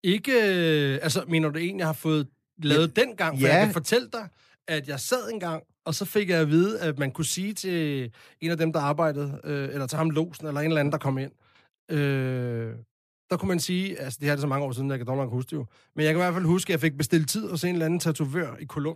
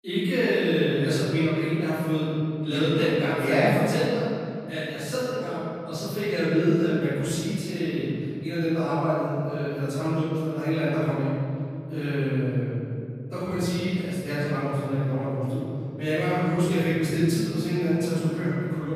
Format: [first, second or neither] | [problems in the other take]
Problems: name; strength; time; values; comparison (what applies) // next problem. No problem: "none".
first | off-mic speech; far // room echo; strong; dies away in 2.8 s